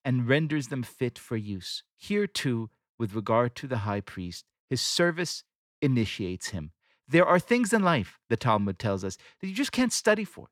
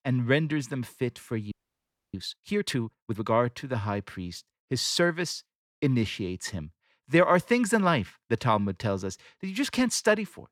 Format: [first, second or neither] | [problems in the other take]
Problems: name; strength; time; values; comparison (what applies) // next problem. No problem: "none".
first | audio freezing; at 1.5 s for 0.5 s